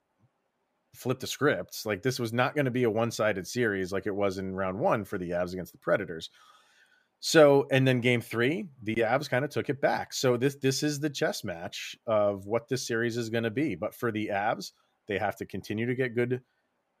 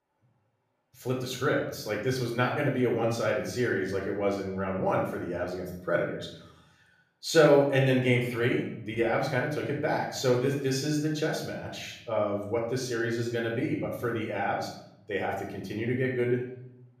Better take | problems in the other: first | off-mic speech; somewhat distant // room echo; noticeable; dies away in 0.6 s

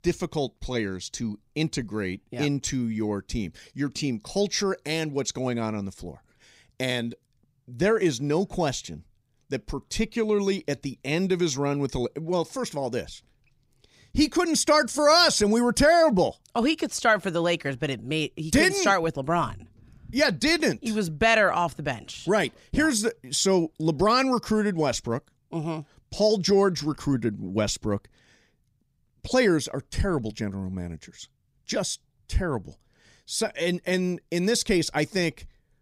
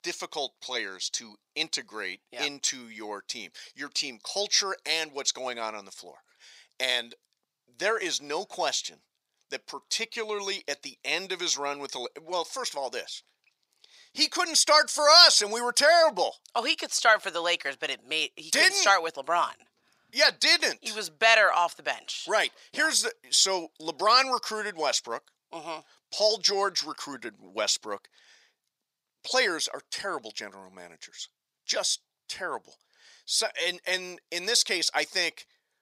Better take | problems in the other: first | thin; very; fading below 800 Hz

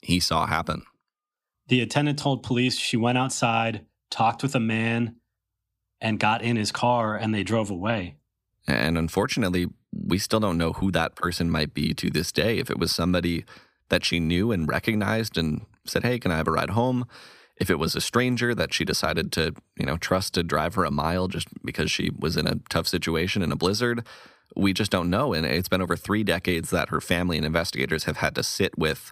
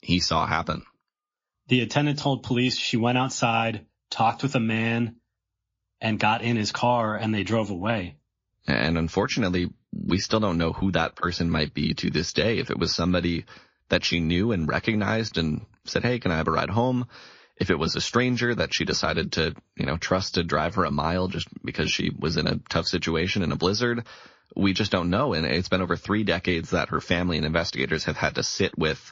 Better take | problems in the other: first | garbled, watery; slightly; nothing above 7 kHz

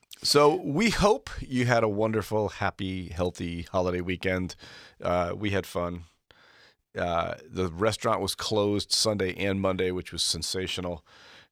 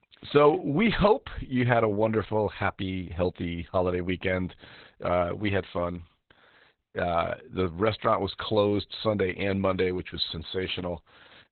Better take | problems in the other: first | garbled, watery; badly; nothing above 4 kHz

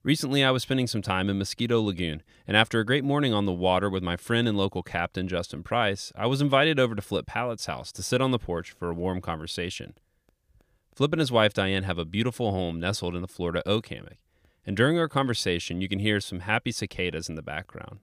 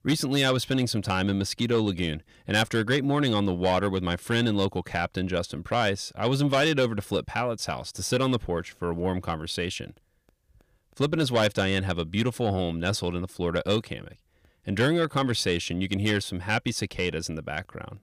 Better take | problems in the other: first | distortion; slight; 10 dB below the speech

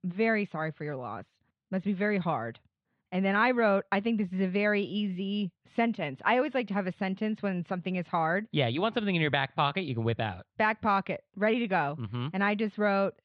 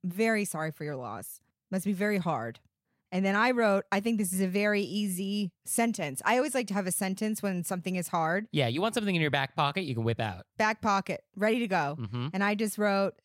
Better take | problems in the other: second | muffled; slightly; fading above 3.5 kHz

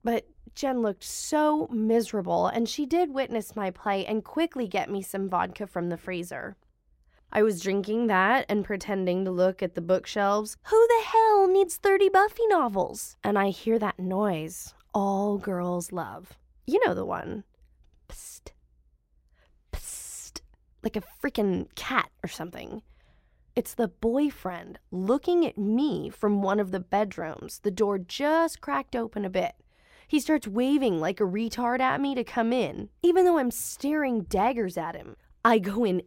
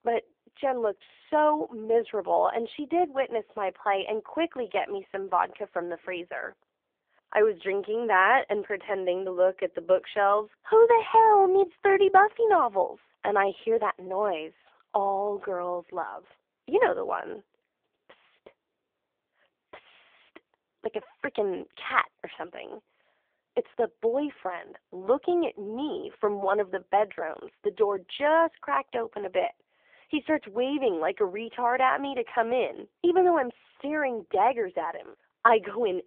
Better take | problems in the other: first | phone-call audio; poor line

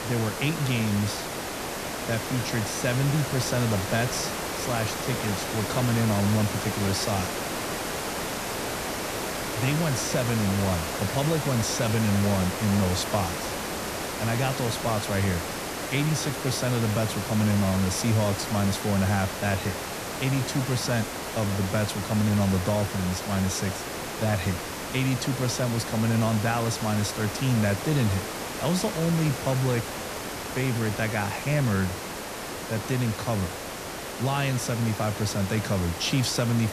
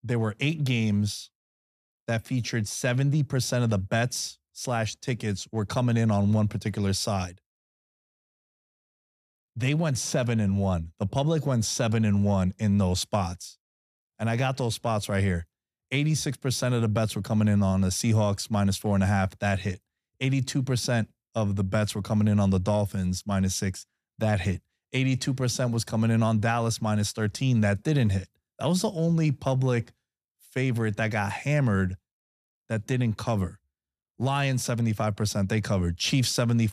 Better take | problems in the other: second | hiss; loud; throughout; 4 dB below the speech

